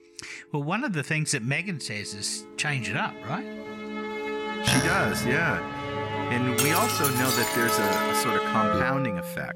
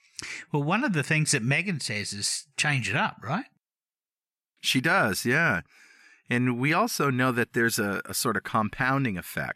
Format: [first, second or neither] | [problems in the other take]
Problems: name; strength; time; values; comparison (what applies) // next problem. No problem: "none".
second | background music; very loud; throughout; 1 dB above the speech